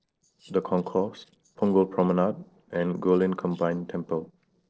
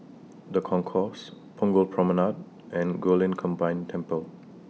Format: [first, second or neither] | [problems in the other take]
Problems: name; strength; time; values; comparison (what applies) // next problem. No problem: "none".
second | noise reduction (neural separator model SepFormer DNS4)